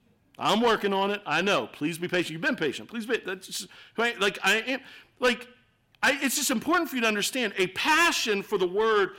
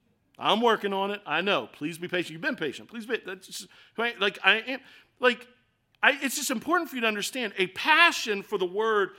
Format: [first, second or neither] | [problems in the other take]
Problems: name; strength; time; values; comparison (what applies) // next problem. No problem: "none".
second | distortion; heavy; 8 dB below the speech